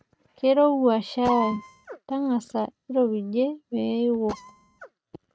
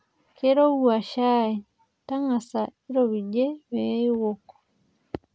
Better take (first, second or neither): second